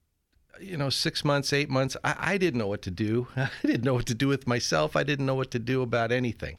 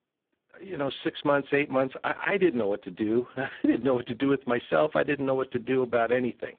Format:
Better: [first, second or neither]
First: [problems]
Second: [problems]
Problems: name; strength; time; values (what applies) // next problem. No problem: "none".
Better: first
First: none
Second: phone-call audio; poor line; nothing above 3.5 kHz